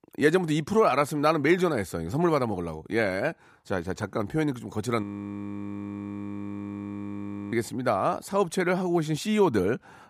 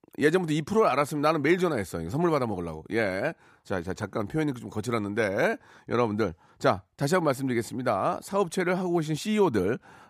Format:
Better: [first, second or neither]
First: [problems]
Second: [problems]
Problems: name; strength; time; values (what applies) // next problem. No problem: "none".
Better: second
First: audio freezing; at 5 s for 2.5 s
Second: none